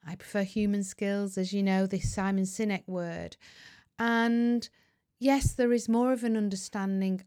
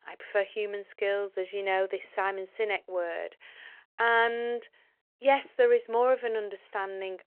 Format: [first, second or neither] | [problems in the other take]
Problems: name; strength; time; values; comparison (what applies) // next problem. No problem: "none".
first | phone-call audio